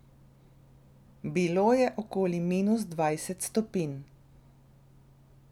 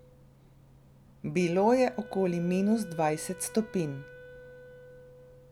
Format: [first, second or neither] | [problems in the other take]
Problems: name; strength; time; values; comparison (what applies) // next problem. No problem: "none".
first | background sound (Wind instrument, woodwind instrument); 19 dB below the speech